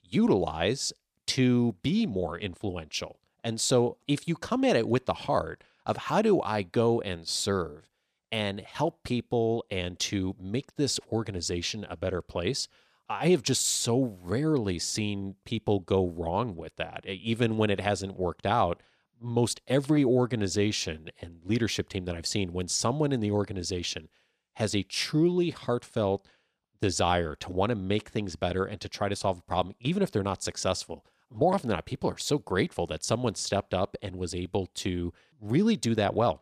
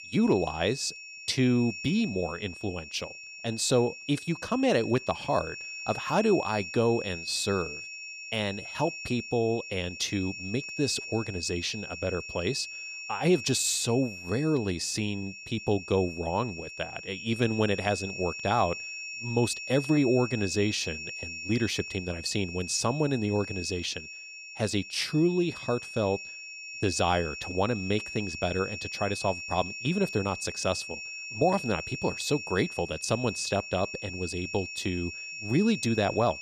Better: first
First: none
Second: high-pitched whine; loud; throughout; 2.5 kHz, 9 dB below the speech

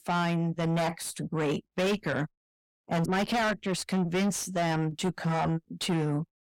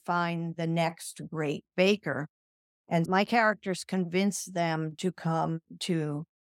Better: second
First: distortion; heavy; 6 dB below the speech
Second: none

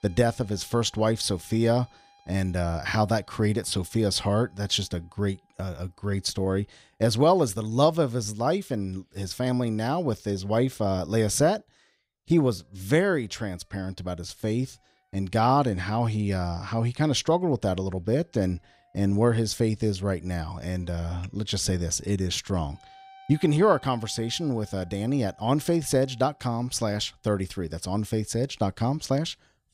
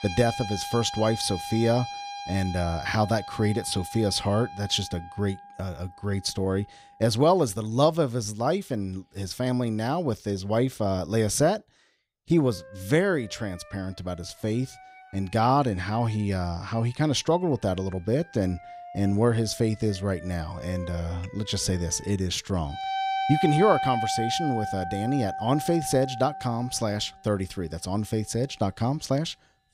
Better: first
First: background music; faint; throughout; 30 dB below the speech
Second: background music; loud; throughout; 8 dB below the speech

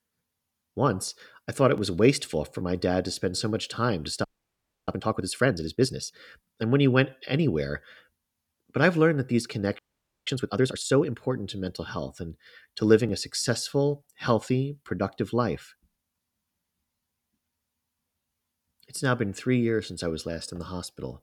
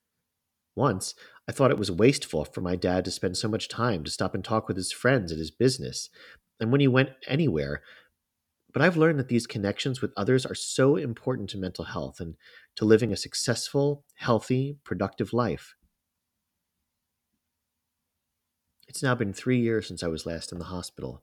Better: second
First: audio freezing; at 4 s for 0.5 s and at 10 s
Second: none

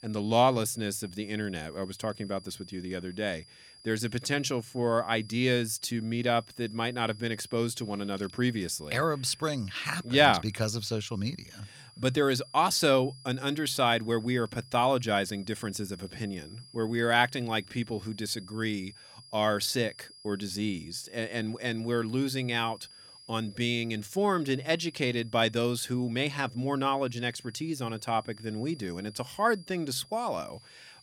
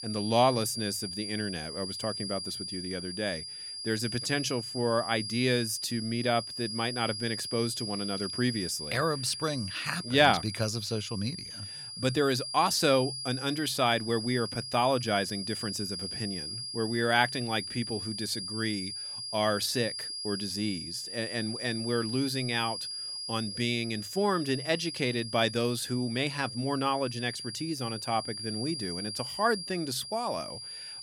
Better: first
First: high-pitched whine; faint; throughout; 5 kHz, 20 dB below the speech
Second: high-pitched whine; loud; throughout; 5 kHz, 6 dB below the speech

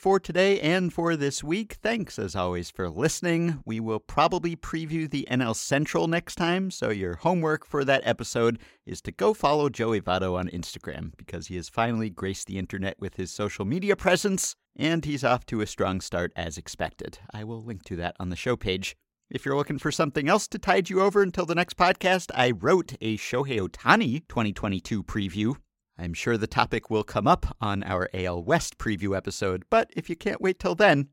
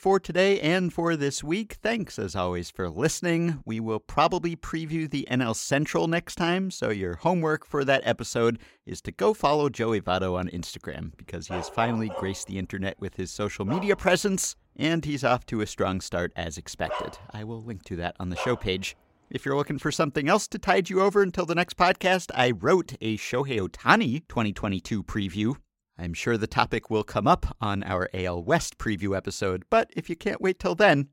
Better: first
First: none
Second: dog barking; noticeable; from 12 to 19 s; peak 8 dB below the speech

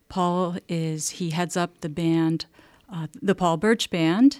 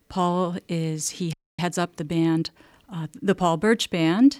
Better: first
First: none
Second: audio freezing; at 1.5 s

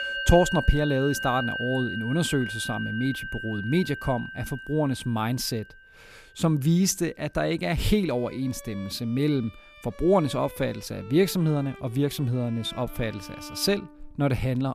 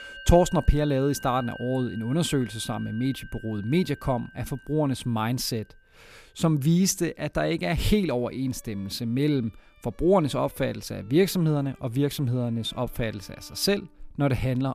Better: second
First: background music; loud; throughout; 9 dB below the speech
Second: background music; faint; throughout; 20 dB below the speech

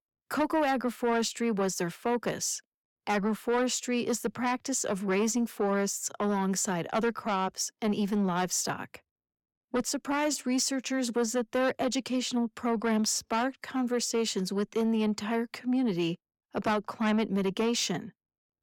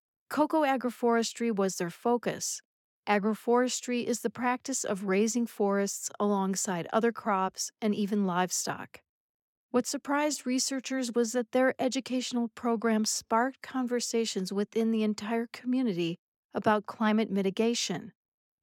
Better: second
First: distortion; slight; 10 dB below the speech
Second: none

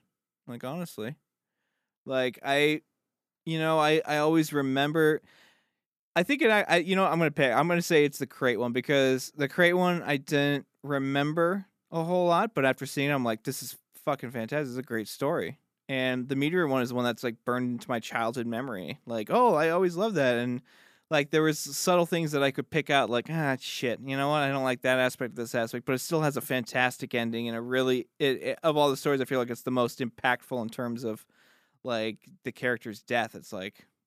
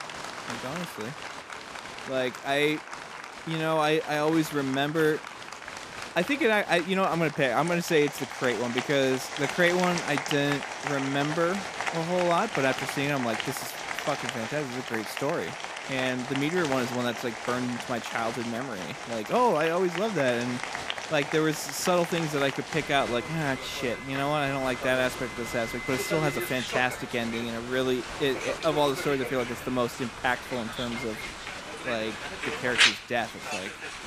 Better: first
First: none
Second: crowd noise; loud; throughout; 5 dB below the speech

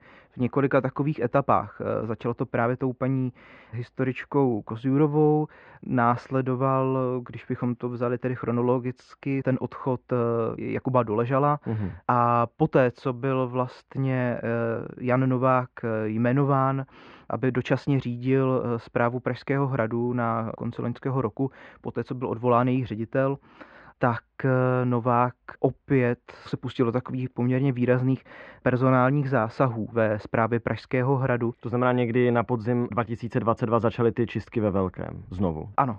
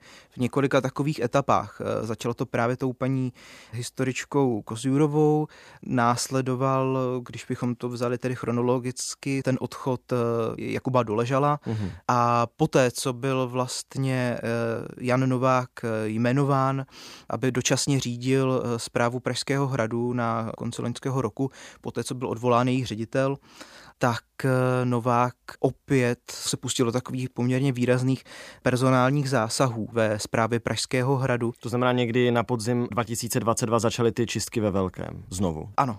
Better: second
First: muffled; very; fading above 2 kHz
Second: none

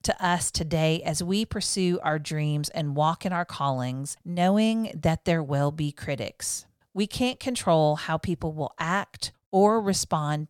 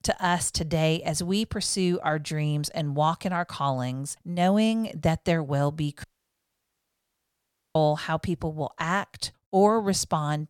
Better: first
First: none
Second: audio cutting out; at 6 s for 1.5 s

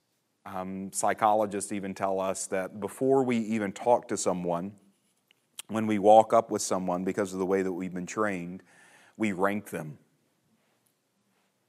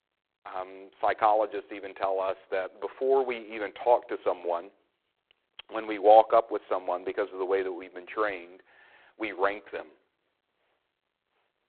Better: first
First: none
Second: phone-call audio; poor line; nothing above 4 kHz

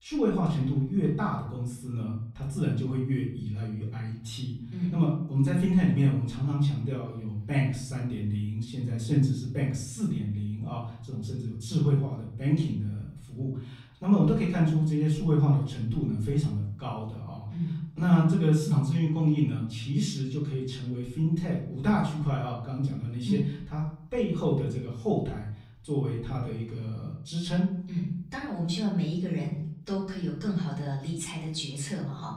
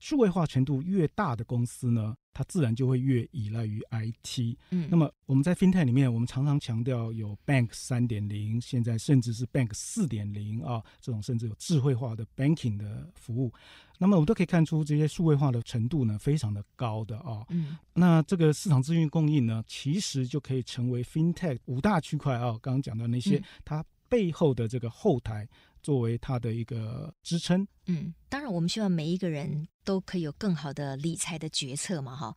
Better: second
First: room echo; slight; dies away in 0.5 s // off-mic speech; far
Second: none

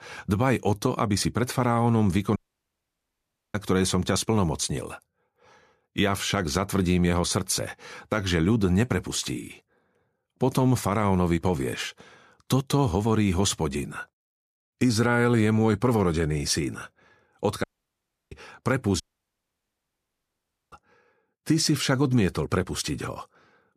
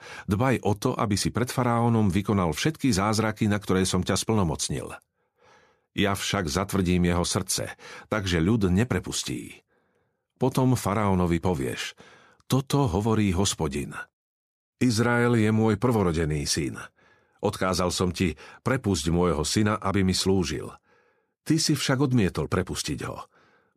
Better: second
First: audio cutting out; at 2.5 s for 1 s, at 18 s for 0.5 s and at 19 s for 1.5 s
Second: none

